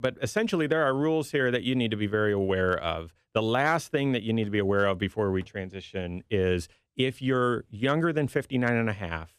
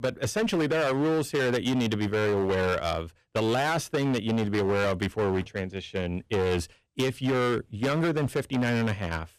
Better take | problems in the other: first | distortion; heavy; 19% of the sound clipped

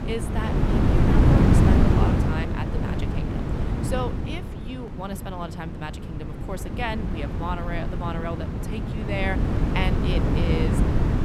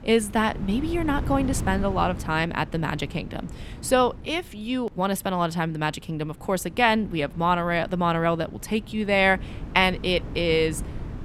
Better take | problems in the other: second | wind noise on the microphone; heavy; 2 dB above the speech; occasional gusts in the second

